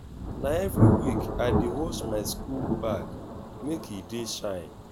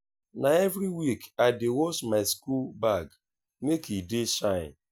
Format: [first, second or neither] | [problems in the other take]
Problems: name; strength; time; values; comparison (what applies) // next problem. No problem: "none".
second | background sound (Thunder); 5 dB above the speech